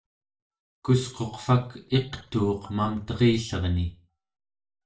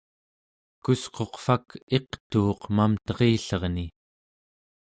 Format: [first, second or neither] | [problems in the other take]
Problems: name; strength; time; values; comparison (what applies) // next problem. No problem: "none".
second | noise reduction (neural mask model DeepFilterNet 3)